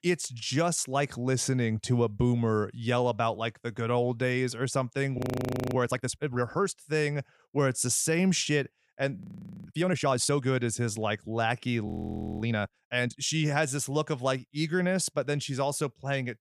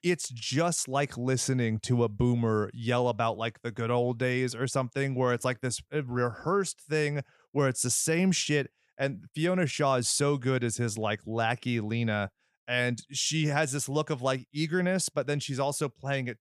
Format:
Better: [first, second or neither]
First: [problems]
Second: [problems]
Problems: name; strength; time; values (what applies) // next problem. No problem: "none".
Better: second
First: audio freezing; at 5 s for 0.5 s, at 9 s and at 12 s for 0.5 s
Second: none